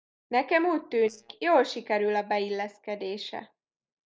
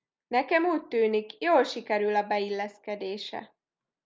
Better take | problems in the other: second | noise reduction (neural mask model DeepFilterNet 3)

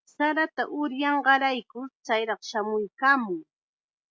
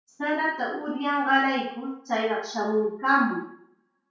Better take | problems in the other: first | room echo; dies away in 0.5 s

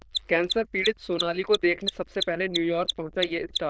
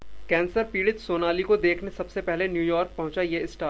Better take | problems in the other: second | noise reduction (neural diffusion model UNIVERSE++)

